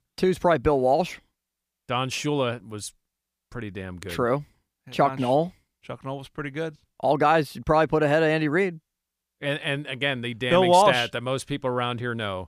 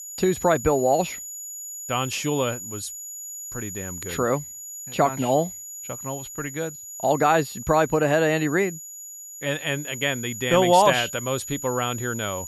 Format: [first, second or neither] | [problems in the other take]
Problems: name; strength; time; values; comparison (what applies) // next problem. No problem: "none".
first | high-pitched whine; noticeable; throughout; 7 kHz, 10 dB below the speech